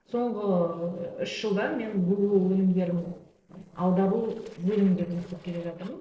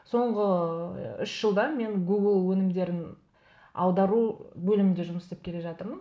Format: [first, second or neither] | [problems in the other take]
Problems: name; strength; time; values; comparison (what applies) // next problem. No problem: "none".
second | noise reduction (neural separator model SepFormer DNS4)